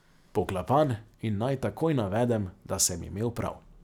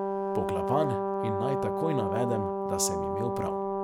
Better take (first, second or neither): first